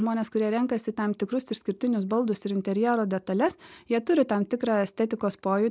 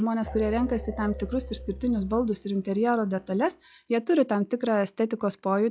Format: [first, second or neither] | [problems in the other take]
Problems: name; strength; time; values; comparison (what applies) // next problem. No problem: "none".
first | noise reduction (classical method log-MMSE)